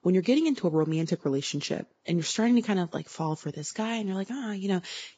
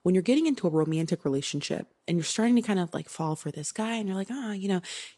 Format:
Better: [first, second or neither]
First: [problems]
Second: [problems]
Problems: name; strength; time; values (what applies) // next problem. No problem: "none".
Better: second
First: garbled, watery; badly; nothing above 7.5 kHz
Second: garbled, watery; slightly